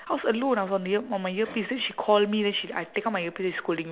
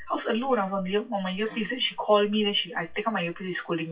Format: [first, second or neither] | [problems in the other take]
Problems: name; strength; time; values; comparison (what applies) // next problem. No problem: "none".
first | noise reduction (classical method WPE with log-MMSE)